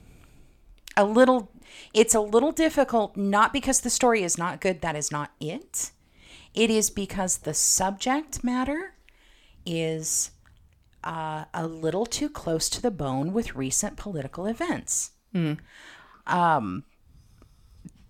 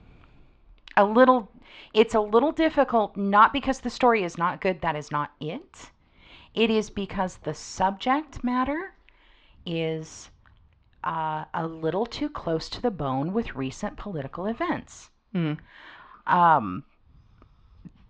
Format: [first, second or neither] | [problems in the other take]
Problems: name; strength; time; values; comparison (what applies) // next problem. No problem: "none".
first | muffled; very; fading above 4 kHz